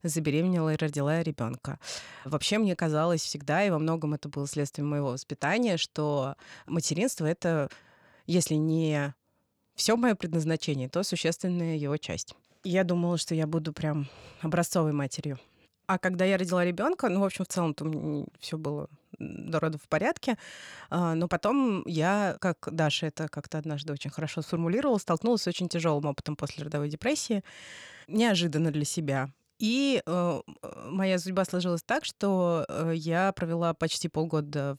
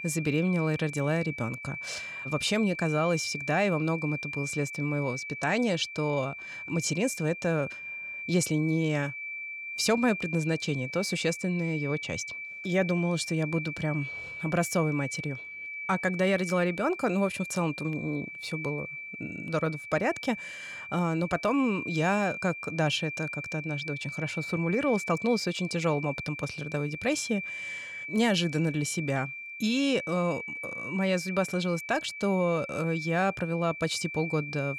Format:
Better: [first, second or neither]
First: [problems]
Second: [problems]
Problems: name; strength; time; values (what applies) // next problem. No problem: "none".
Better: first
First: none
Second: high-pitched whine; loud; throughout; 2.5 kHz, 7 dB below the speech